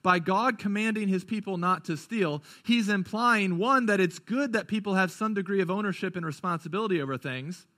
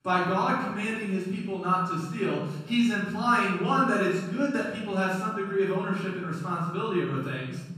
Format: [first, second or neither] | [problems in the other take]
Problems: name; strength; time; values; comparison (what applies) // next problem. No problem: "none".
first | room echo; noticeable; dies away in 1 s // off-mic speech; far